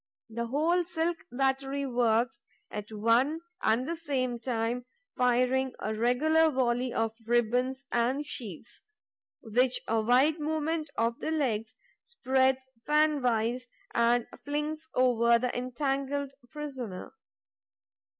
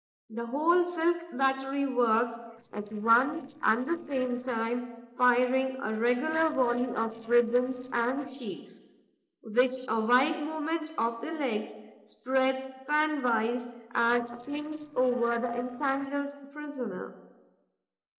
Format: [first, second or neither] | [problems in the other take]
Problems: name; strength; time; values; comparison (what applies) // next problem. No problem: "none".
first | noise reduction (neural separator model SepFormer DNS4)